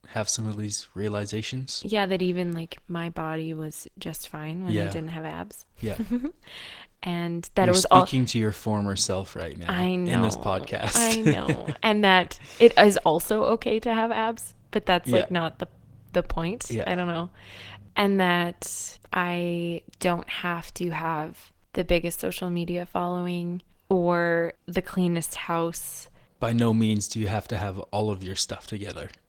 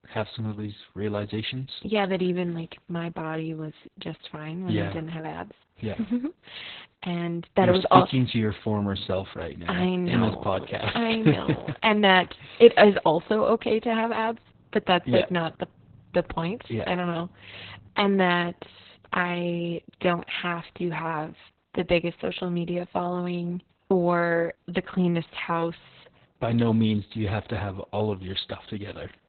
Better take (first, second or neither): first